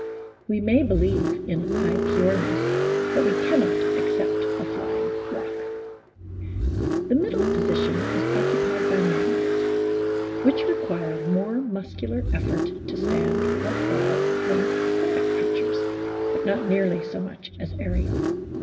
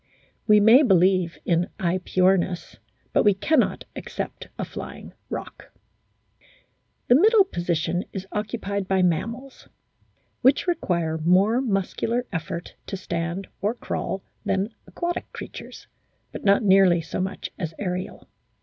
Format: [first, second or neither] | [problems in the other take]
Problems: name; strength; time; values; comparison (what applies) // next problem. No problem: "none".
second | background sound (Car); 4 dB above the speech // room echo; dies away in 1.7 s